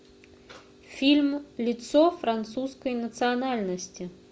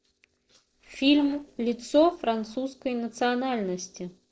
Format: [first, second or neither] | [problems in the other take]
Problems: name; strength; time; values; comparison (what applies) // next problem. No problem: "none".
first | noise reduction (neural separator model SepFormer DNS4)